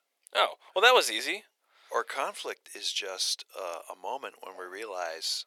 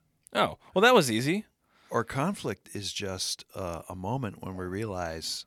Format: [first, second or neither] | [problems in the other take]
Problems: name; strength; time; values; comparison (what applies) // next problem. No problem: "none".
second | thin; very; fading below 450 Hz